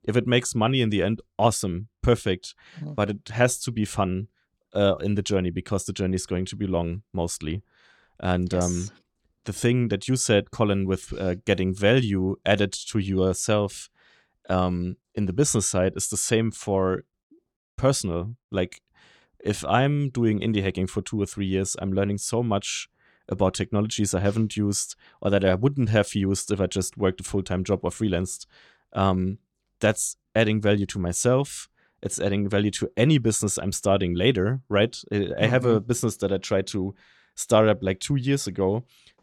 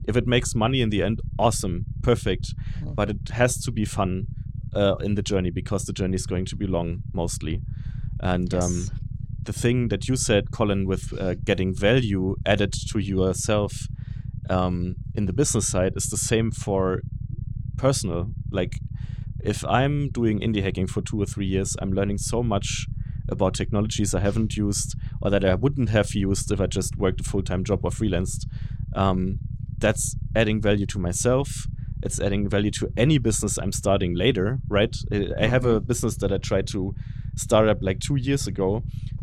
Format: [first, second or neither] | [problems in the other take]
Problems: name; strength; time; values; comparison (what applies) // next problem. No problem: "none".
first | low rumble; faint; throughout; 20 dB below the speech